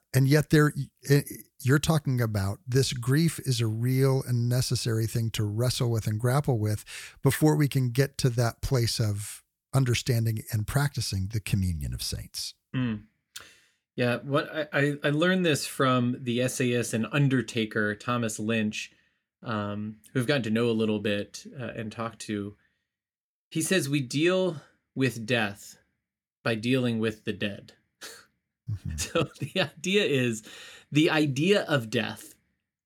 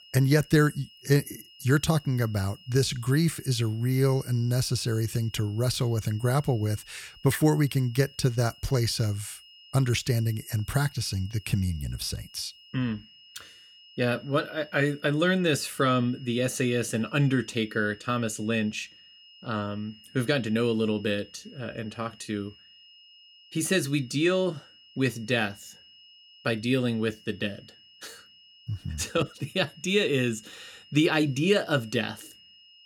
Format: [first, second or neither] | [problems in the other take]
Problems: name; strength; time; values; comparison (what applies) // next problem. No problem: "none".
first | high-pitched whine; faint; throughout; 3 kHz, 25 dB below the speech